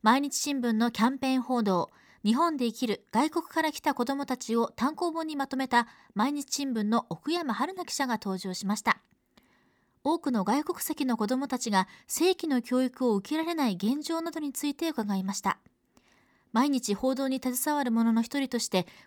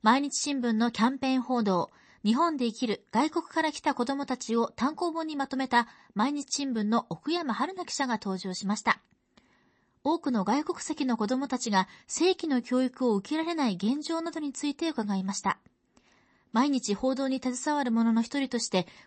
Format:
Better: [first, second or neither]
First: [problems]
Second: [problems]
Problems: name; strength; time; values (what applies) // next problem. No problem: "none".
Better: first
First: none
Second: garbled, watery; slightly; nothing above 8 kHz